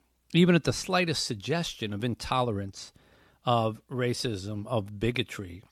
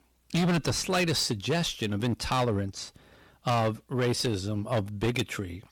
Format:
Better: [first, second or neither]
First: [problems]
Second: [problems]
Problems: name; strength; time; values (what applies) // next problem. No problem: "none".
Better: first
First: none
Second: distortion; heavy; 11% of the sound clipped